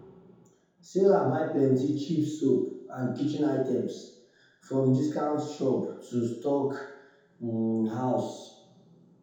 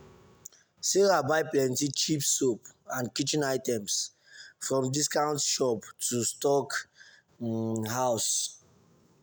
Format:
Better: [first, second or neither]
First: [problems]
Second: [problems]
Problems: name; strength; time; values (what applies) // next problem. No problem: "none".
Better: second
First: room echo; dies away in 0.8 s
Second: none